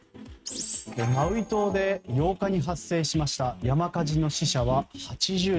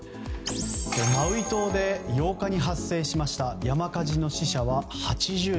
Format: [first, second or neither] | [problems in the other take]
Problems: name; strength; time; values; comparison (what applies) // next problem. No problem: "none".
second | noise reduction (neural mask model RNNoise)